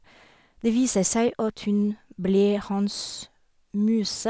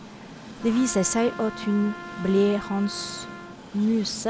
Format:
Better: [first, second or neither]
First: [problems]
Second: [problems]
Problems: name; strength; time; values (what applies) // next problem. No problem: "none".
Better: first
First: none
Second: background sound (Train + Trumpet); 13 dB below the speech